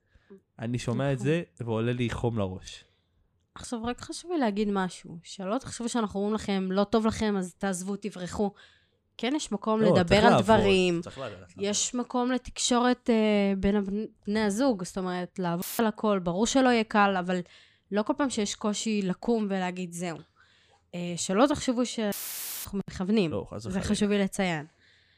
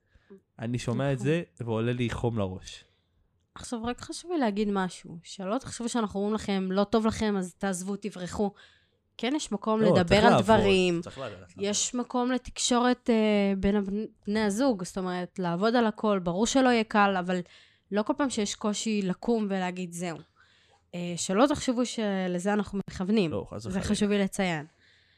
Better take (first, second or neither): second